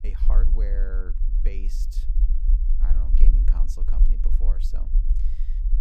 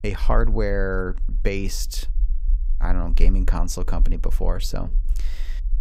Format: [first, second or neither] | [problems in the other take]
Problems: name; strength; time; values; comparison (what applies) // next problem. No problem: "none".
second | low rumble; loud; throughout; 4 dB below the speech; faint in the second